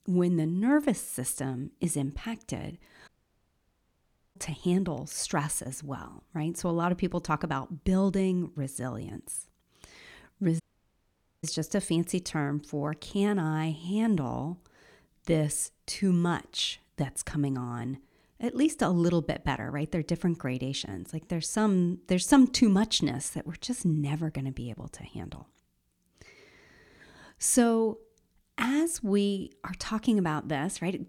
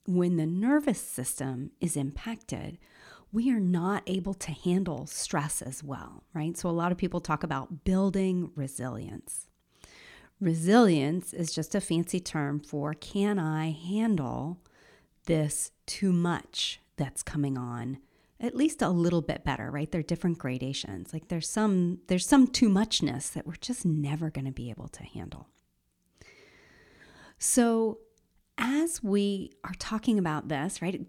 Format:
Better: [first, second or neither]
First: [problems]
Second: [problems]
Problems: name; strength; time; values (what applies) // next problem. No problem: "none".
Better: second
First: audio cutting out; at 3 s for 1.5 s and at 11 s for 1 s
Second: none